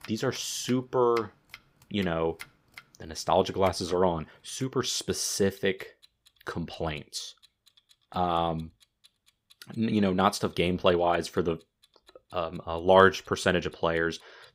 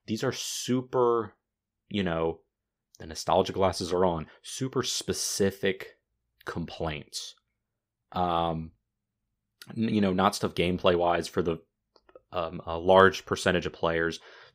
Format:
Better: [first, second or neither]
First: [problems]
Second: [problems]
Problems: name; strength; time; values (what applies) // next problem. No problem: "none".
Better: second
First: household noises; faint; throughout; 25 dB below the speech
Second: none